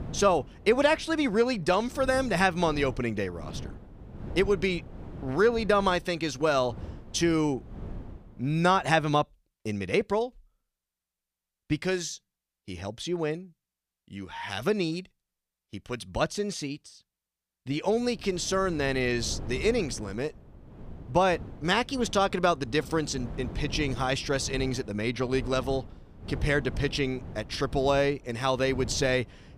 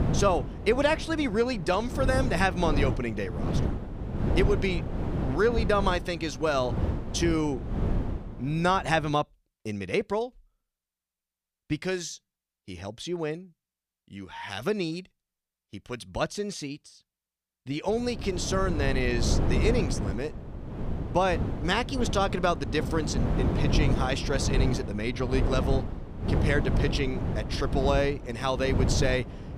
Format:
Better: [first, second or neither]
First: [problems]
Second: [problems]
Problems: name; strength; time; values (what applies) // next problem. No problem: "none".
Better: first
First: wind noise on the microphone; occasional gusts; until 9 s and from 18 s on; 20 dB below the speech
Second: wind noise on the microphone; heavy; until 9 s and from 18 s on; 9 dB below the speech